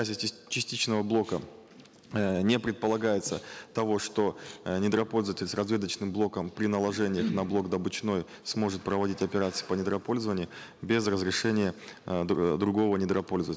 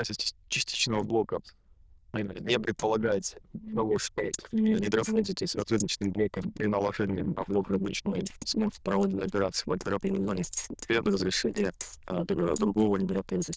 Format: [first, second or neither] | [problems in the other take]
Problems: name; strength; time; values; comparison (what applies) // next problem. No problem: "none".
first | noise reduction (neural diffusion model UNIVERSE++)